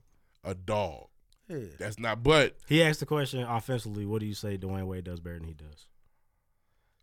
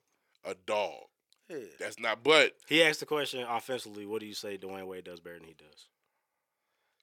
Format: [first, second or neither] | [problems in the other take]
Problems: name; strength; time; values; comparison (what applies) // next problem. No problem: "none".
first | thin; somewhat; fading below 400 Hz